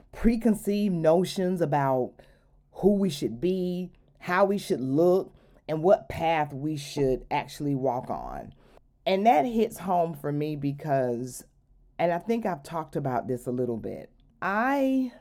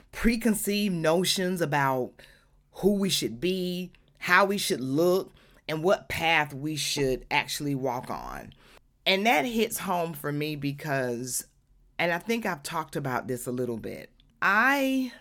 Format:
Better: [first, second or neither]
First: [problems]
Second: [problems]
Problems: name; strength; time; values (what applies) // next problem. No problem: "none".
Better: second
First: muffled; slightly; fading above 1 kHz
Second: none